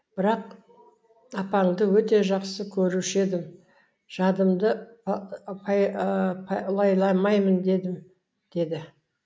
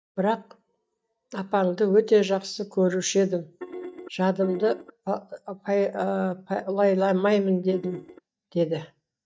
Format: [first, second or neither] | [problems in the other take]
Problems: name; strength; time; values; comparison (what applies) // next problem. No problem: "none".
first | noise reduction (neural mask model DeepFilterNet 3)